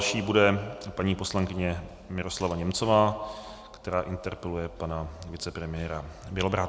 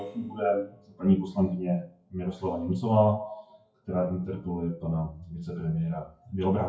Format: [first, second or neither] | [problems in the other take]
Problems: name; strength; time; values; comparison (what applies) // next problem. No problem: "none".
first | noise reduction (classical method WPE with log-MMSE)